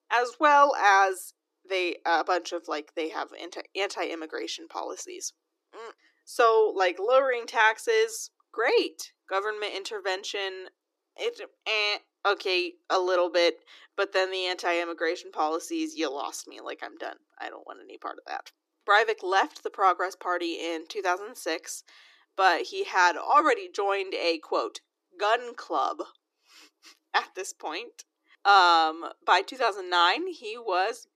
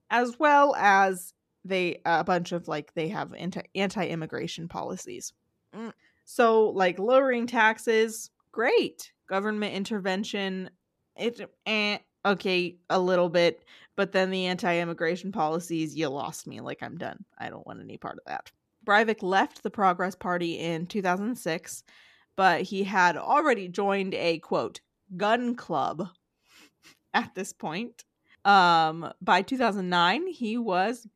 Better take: second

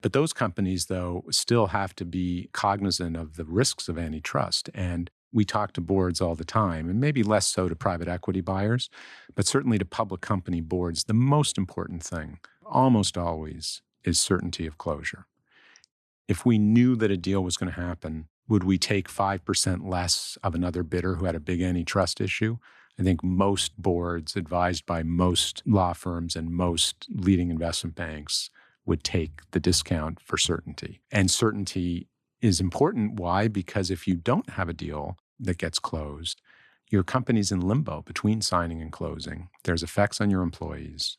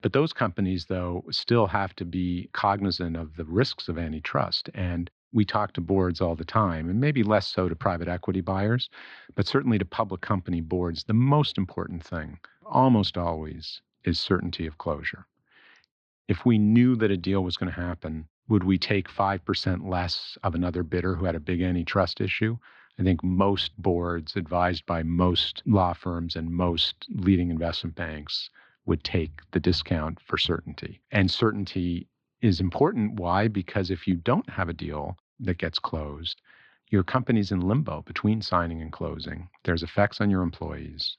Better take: first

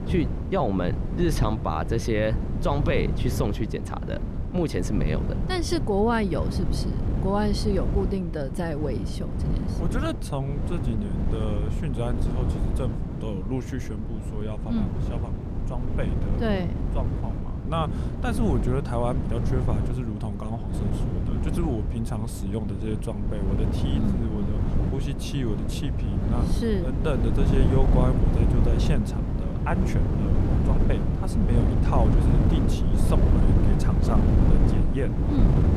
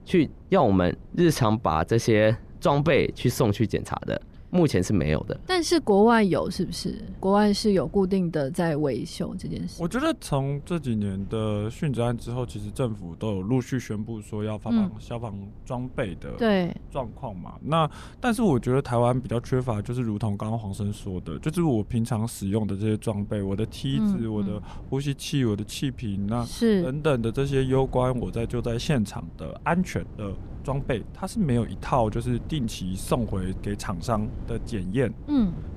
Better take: second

